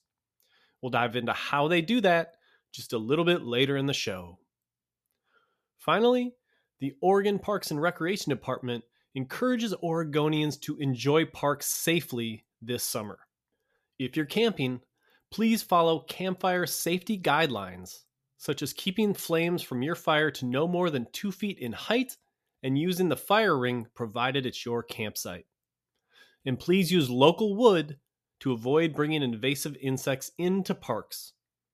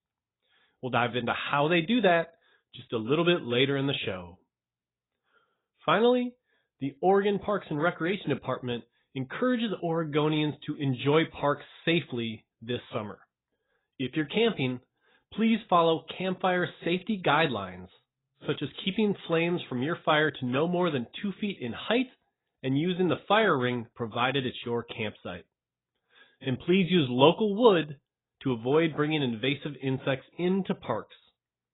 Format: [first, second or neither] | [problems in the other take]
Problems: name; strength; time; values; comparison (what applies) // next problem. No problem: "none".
first | garbled, watery; badly; nothing above 4 kHz